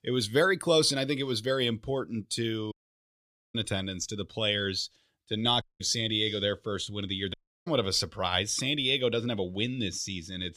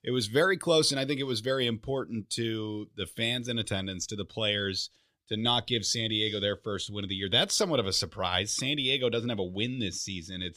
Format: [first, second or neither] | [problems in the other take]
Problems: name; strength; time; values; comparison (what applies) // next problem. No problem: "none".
second | audio cutting out; at 2.5 s for 1 s, at 5.5 s and at 7.5 s